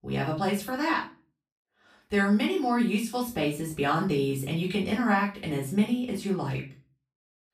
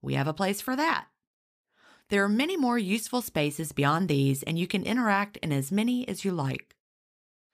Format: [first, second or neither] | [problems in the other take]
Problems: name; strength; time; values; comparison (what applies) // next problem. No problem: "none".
second | off-mic speech; far // room echo; slight; dies away in 0.3 s